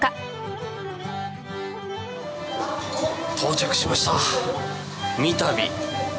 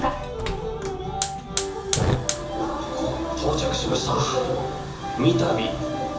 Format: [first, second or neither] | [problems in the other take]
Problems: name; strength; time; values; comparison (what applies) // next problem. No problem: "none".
first | background sound (Hiss / Fire); 6 dB below the speech // room echo; dies away in 0.7 s